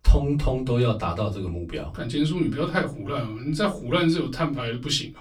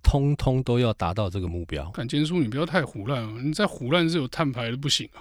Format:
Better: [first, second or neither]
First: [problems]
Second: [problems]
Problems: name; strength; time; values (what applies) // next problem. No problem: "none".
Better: second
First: off-mic speech; far // room echo; very slight; dies away in 0.2 s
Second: none